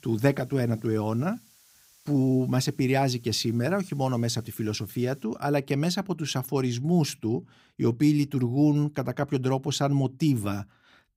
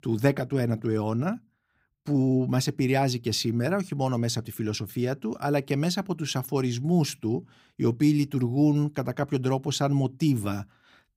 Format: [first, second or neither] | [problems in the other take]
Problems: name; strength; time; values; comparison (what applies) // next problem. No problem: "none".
second | hiss; faint; until 5 s; 30 dB below the speech